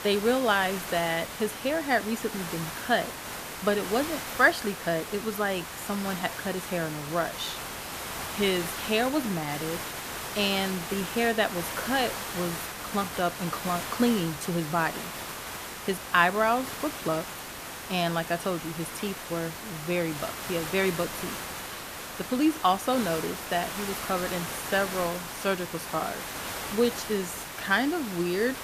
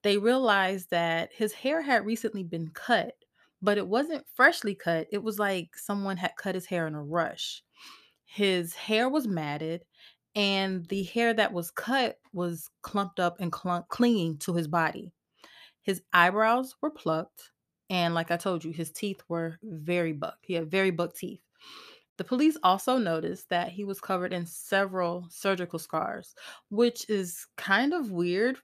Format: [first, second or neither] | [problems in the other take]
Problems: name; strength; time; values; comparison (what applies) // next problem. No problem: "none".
second | hiss; loud; throughout; 7 dB below the speech